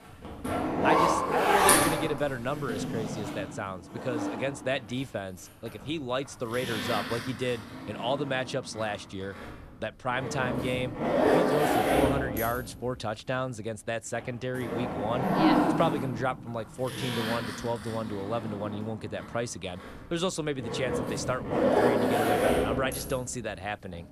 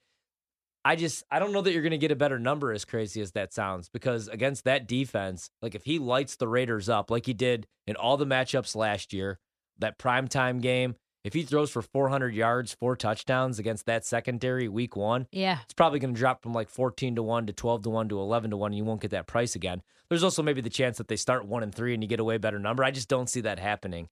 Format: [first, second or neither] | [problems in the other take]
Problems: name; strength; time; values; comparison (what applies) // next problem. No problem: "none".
second | household noises; very loud; throughout; 5 dB above the speech